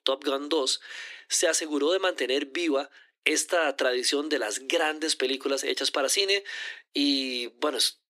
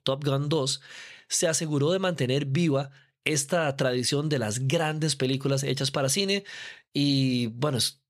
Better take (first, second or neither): second